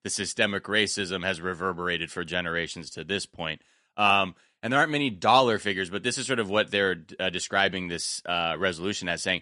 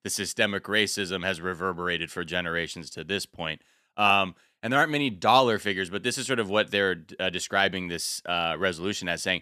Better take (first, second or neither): second